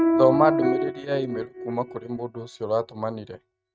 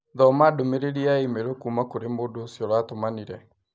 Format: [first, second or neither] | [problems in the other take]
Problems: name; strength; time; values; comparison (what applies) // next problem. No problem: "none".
second | noise reduction (neural mask model RNNoise)